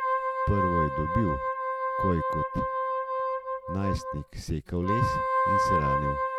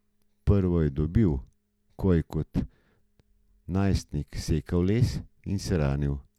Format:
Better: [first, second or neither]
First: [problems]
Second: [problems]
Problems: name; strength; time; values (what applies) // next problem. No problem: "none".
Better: second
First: background sound (Wind instrument, woodwind instrument); 3 dB above the speech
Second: none